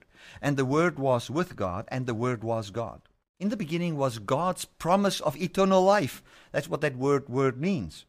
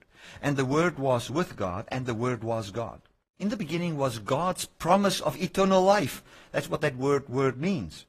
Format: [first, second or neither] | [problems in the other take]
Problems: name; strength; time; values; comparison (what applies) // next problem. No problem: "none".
first | garbled, watery; slightly; nothing above 14.5 kHz